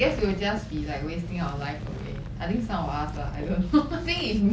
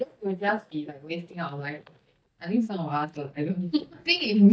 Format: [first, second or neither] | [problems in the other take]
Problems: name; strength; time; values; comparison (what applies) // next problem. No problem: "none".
first | noise reduction (neural mask model DeepFilterNet 3)